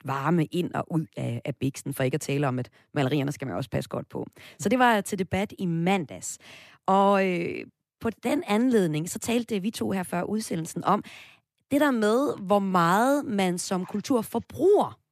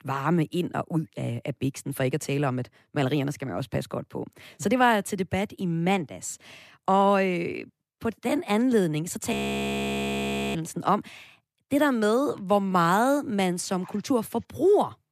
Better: first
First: none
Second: audio freezing; at 9.5 s for 1 s

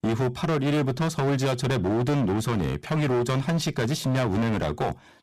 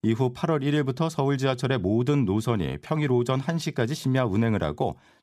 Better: second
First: distortion; heavy; 26% of the sound clipped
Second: none

